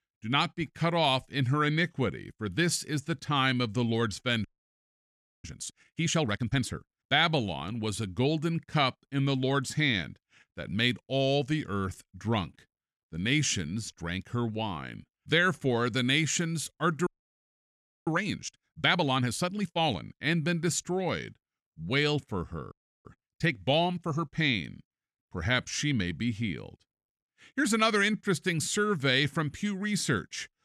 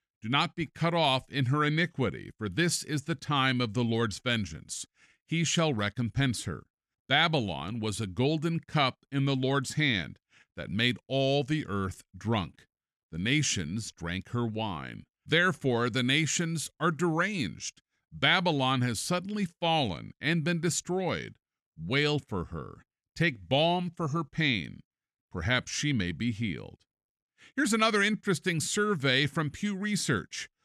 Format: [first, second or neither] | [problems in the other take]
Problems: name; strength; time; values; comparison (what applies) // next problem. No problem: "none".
second | audio freezing; at 4.5 s for 1 s, at 17 s for 1 s and at 23 s